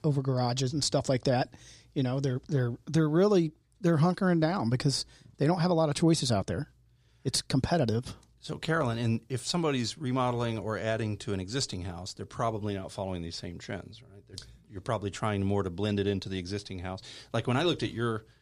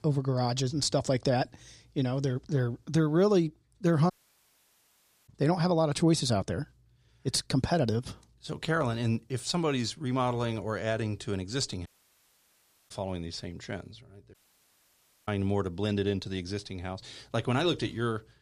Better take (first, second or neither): first